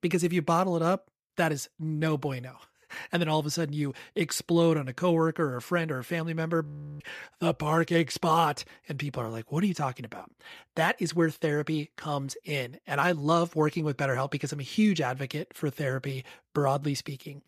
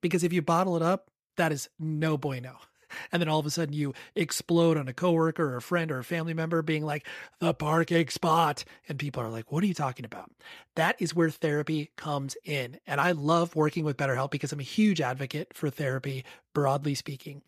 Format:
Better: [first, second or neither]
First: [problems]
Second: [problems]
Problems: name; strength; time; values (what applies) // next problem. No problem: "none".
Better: second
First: audio freezing; at 6.5 s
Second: none